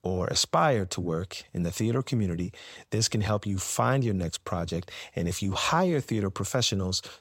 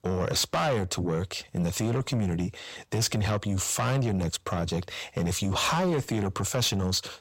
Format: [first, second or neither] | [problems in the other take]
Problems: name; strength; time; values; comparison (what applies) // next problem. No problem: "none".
first | distortion; heavy; 7 dB below the speech